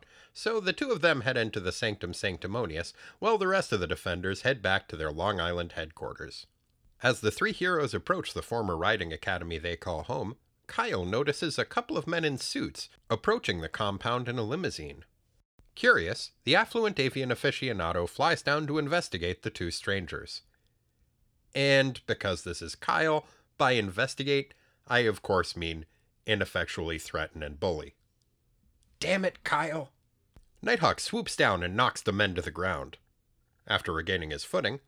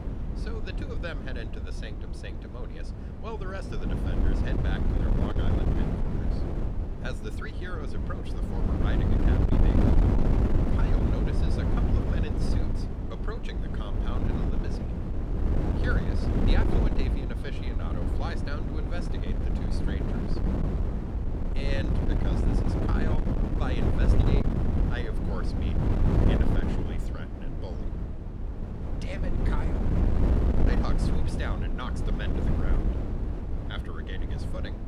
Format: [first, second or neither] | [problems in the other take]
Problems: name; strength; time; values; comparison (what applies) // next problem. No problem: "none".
first | wind noise on the microphone; heavy; 3 dB above the speech